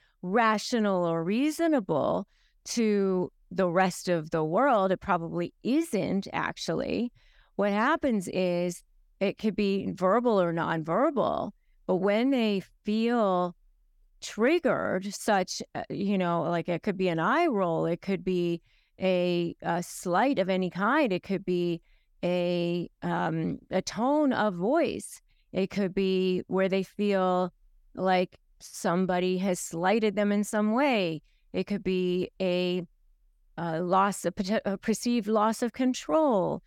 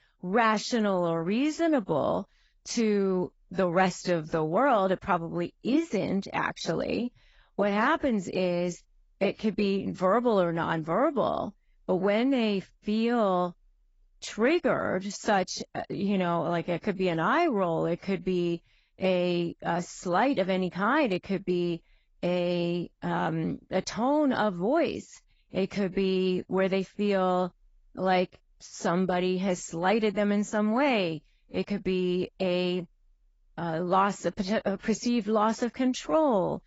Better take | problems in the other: first | garbled, watery; badly; nothing above 7.5 kHz

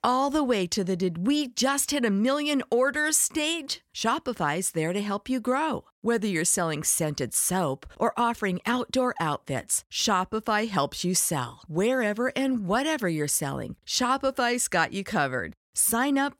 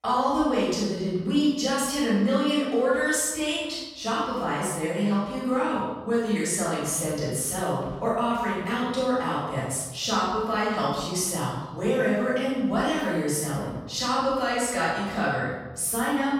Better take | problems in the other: first | room echo; strong; dies away in 1.1 s // off-mic speech; far

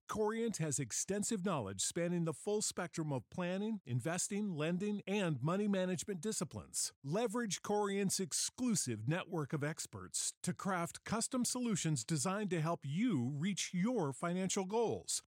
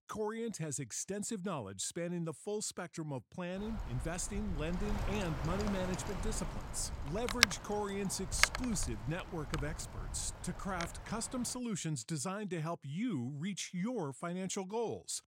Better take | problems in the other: first | wind noise on the microphone; heavy; from 3.5 to 12 s; 5 dB above the speech

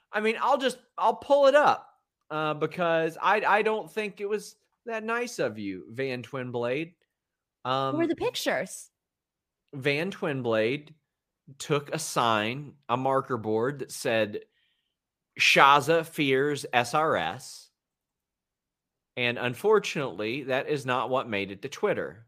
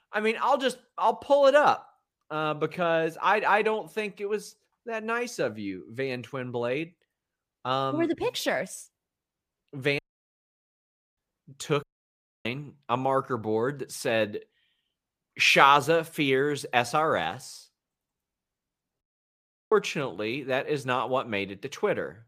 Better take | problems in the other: first | audio cutting out; at 10 s for 1 s, at 12 s for 0.5 s and at 19 s for 0.5 s

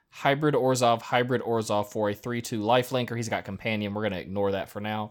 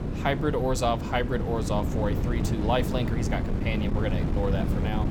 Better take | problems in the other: first | wind noise on the microphone; heavy; 6 dB below the speech

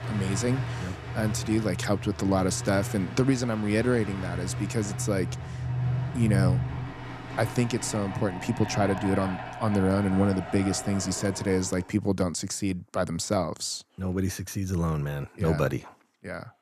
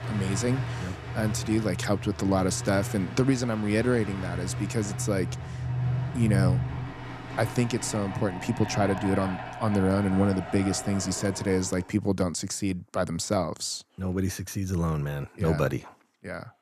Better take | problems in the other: neither | train or aircraft noise; loud; until 12 s; 6 dB below the speech; the same in both

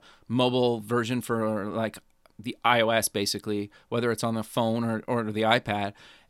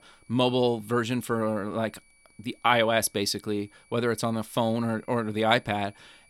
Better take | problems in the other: first | high-pitched whine; faint; throughout; 2.5 kHz, 30 dB below the speech

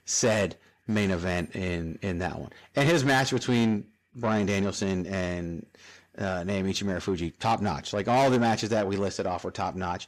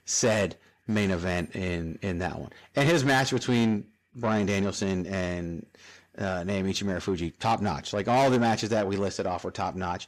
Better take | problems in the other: neither | distortion; heavy; 8 dB below the speech; the same in both

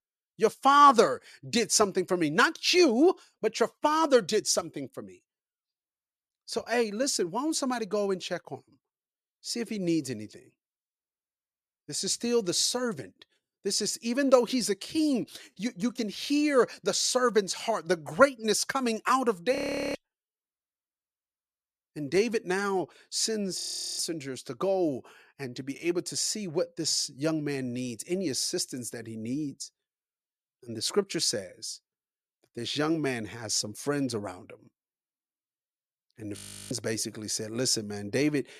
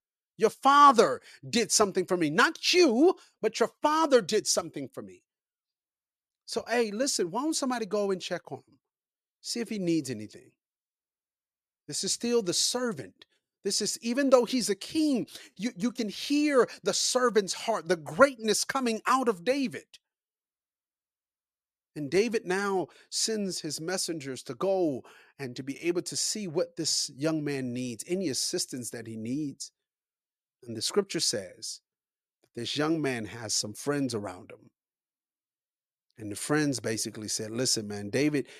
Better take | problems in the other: second | audio freezing; at 20 s, at 24 s and at 36 s

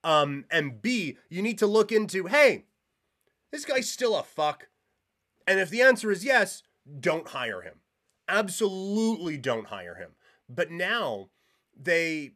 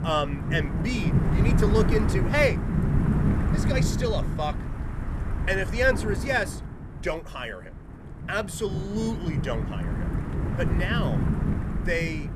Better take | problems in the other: first | wind noise on the microphone; heavy; 7 dB below the speech

